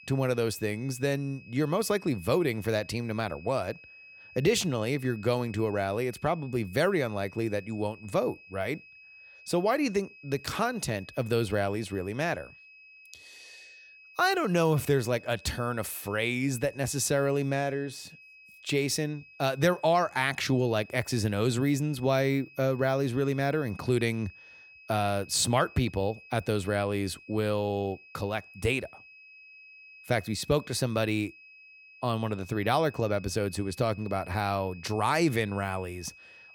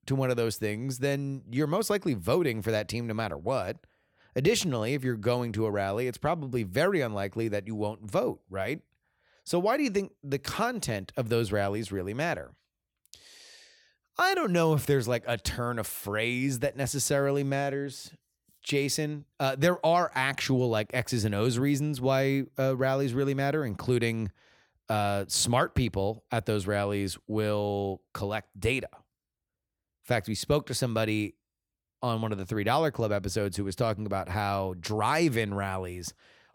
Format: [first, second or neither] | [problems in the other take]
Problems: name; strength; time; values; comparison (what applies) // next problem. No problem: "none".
second | high-pitched whine; faint; throughout; 2.5 kHz, 20 dB below the speech